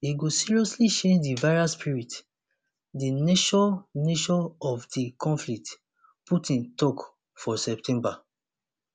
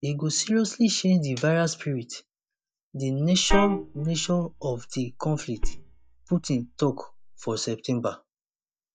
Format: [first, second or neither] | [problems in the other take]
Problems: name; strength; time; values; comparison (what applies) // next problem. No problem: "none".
first | noise reduction (neural mask model DeepFilterNet 3)